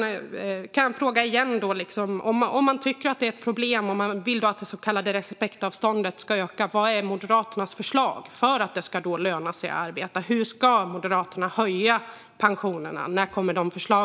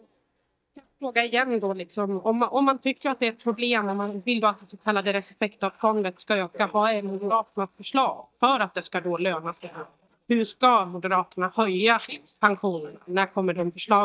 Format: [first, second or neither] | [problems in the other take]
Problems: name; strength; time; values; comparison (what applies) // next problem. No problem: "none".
first | noise reduction (neural mask model DeepFilterNet 3)